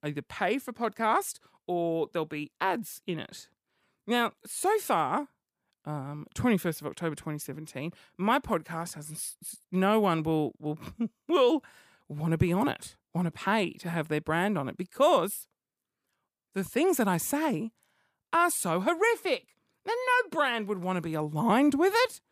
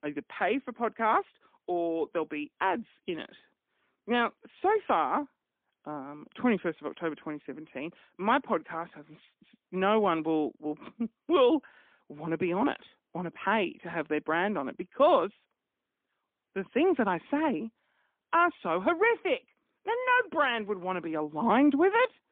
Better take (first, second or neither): first